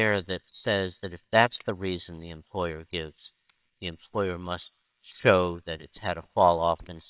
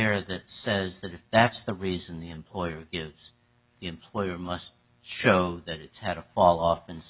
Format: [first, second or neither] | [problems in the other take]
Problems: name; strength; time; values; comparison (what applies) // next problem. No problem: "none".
second | noise reduction (neural separator model SepFormer WHAMR!)